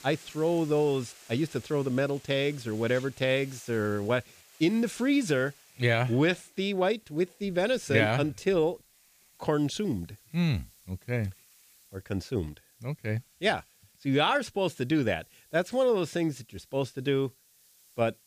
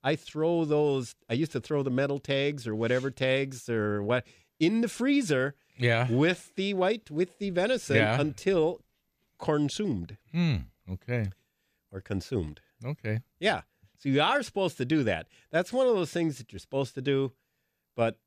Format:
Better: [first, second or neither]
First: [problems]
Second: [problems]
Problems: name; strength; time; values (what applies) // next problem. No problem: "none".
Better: second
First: hiss; faint; throughout; 25 dB below the speech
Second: none